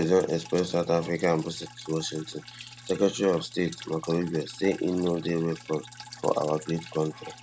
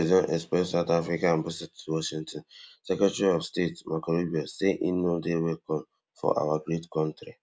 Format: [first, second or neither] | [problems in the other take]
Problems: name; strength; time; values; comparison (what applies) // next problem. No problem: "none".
second | background sound (Drip); 18 dB below the speech